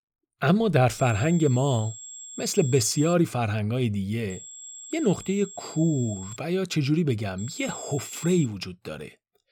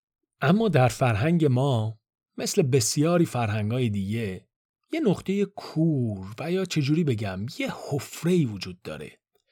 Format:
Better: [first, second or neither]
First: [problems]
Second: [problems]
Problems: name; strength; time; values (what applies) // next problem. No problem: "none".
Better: second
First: high-pitched whine; noticeable; from 1 to 3 s, from 4.5 to 6.5 s and from 7.5 to 8.5 s; 7.5 kHz, 15 dB below the speech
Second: none